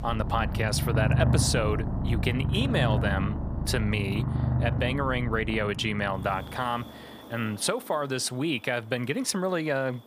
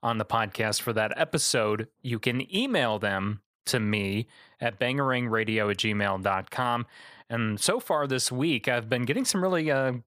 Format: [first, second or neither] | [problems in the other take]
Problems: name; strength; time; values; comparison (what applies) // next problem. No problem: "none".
second | animal sounds; loud; throughout; as loud as the speech